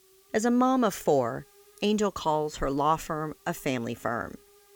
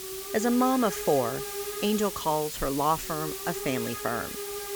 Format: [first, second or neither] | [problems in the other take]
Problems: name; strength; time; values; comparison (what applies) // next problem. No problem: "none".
first | hiss; loud; throughout; 6 dB below the speech; faint in the first